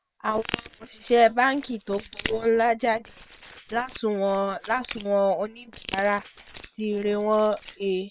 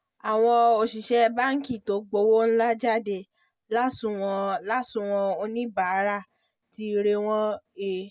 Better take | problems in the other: second | noise reduction (neural separator model SepFormer WHAM!)

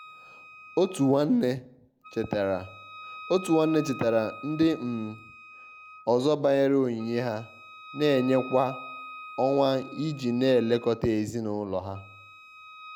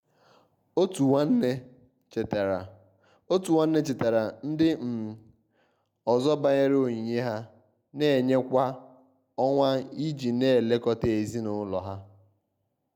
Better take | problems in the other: second | background sound (Wind instrument, woodwind instrument); 18 dB below the speech

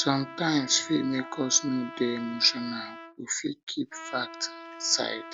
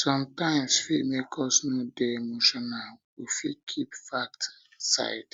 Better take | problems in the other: second | background sound (Trumpet); 14 dB below the speech

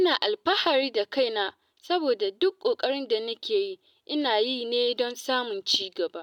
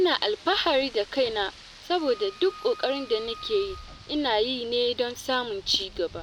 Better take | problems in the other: first | background sound (Rain + Wind instrument, woodwind instrument); 18 dB below the speech

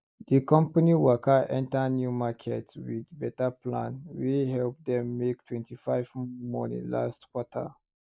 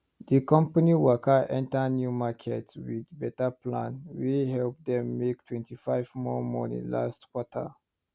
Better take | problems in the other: second | noise reduction (neural mask model Resemble Enhance denoiser)

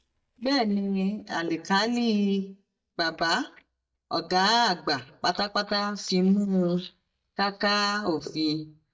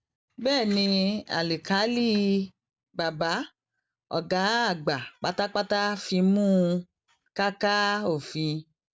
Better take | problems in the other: second | noise reduction (neural mask model DeepFilterNet 3)

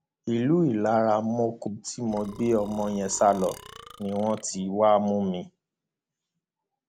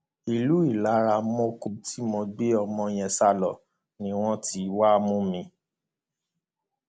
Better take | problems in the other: second | background sound (Burping, eructation); 19 dB below the speech

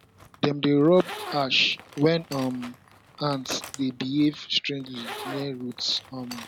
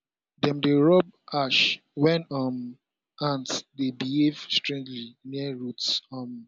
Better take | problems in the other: second | background sound (Zipper (clothing)); 16 dB below the speech

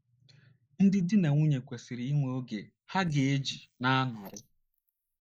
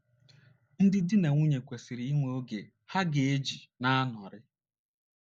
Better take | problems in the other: second | noise reduction (neural mask model Resemble Enhance denoiser)

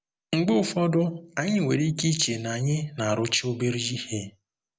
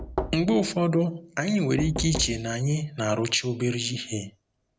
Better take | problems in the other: first | background sound (Knock); 12 dB below the speech

